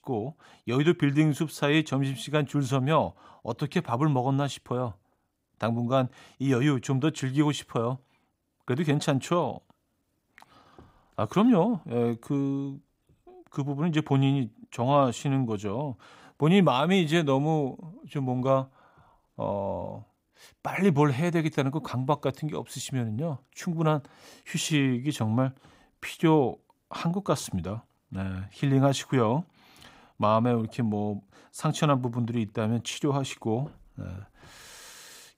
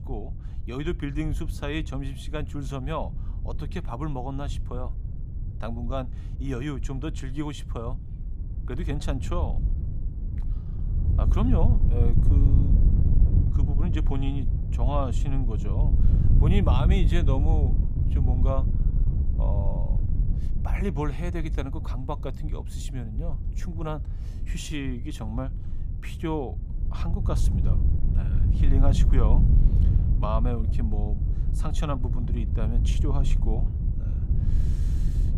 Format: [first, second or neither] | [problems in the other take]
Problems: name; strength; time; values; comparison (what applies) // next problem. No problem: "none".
first | wind noise on the microphone; heavy; 6 dB below the speech